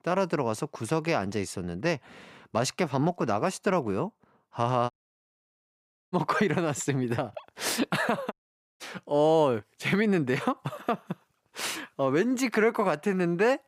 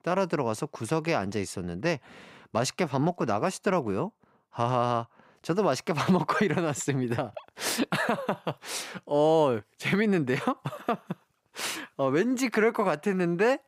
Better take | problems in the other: second | audio cutting out; at 5 s for 1 s and at 8.5 s

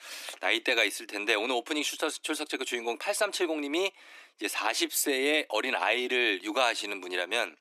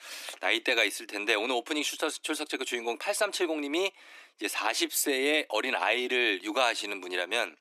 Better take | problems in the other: neither | thin; somewhat; fading below 300 Hz; the same in both

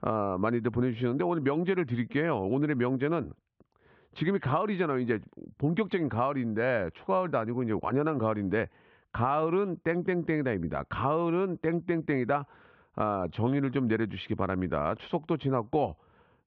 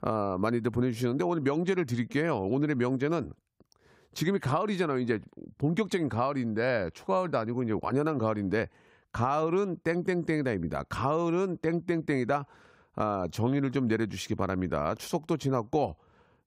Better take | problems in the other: second | muffled; very; fading above 3.5 kHz

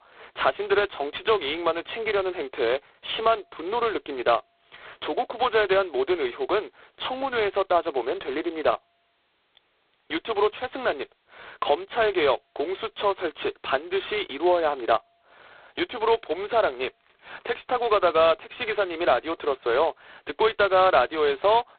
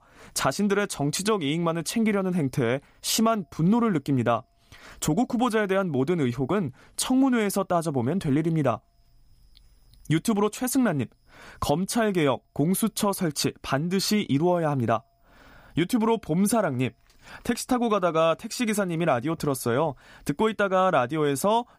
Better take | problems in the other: second | phone-call audio; poor line; nothing above 4 kHz

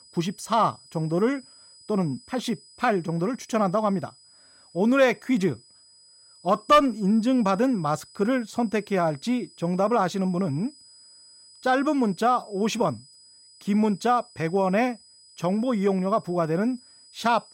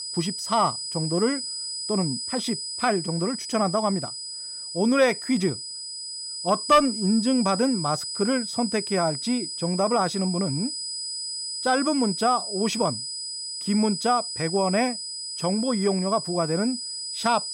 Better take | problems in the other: first | high-pitched whine; loud; throughout; 5 kHz, 5 dB below the speech; faint in the first

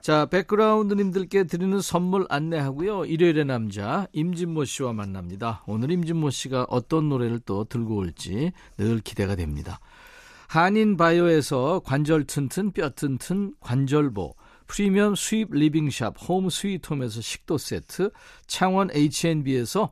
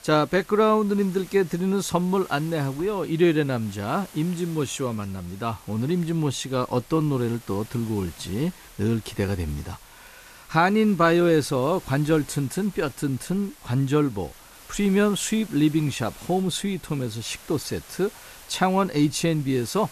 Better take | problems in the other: first | hiss; faint; throughout; 20 dB below the speech

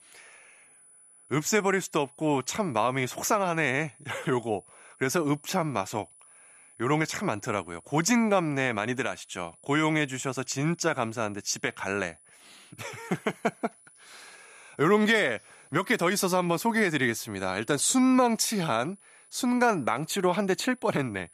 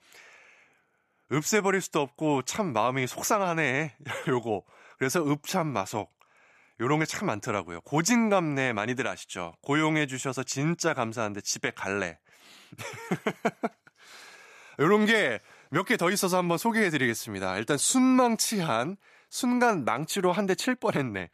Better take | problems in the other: second | high-pitched whine; faint; throughout; 10 kHz, 25 dB below the speech

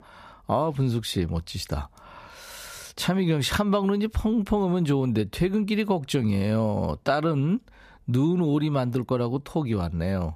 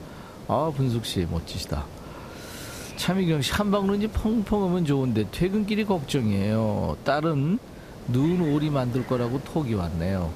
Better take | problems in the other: first | hiss; noticeable; throughout; 15 dB below the speech

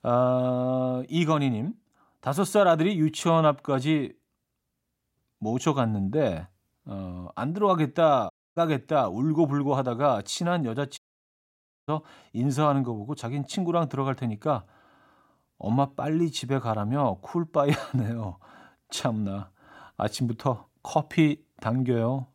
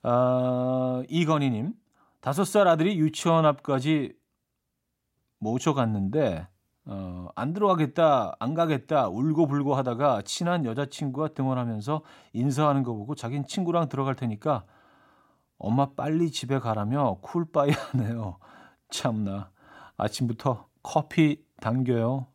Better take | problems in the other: second | audio cutting out; at 8.5 s and at 11 s for 1 s

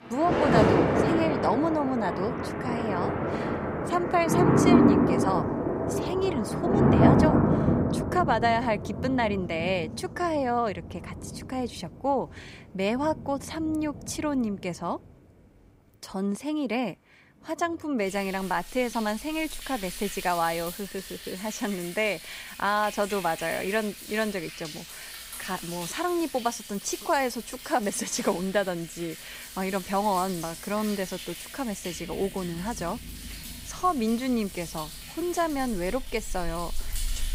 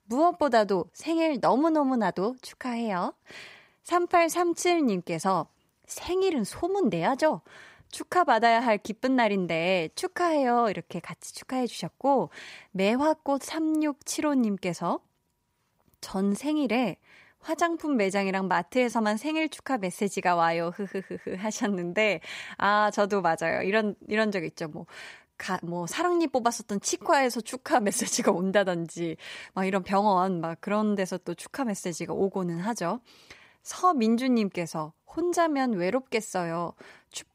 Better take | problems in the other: second | rain or running water; very loud; throughout; 1 dB above the speech

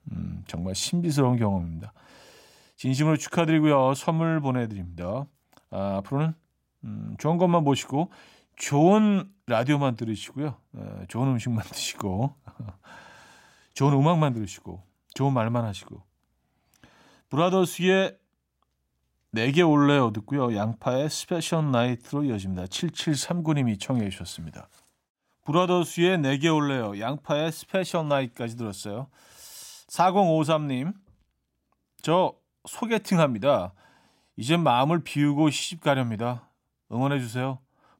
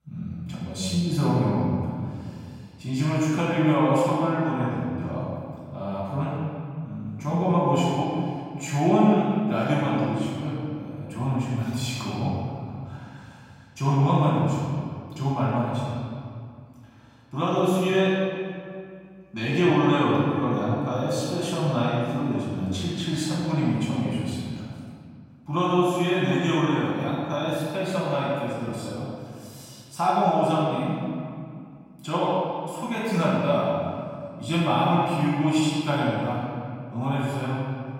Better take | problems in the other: first | off-mic speech; far // room echo; strong; dies away in 2.1 s

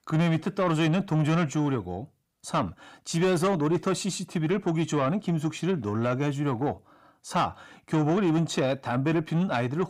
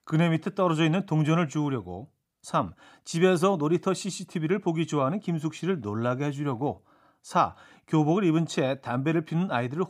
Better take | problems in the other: second | distortion; slight; 10 dB below the speech

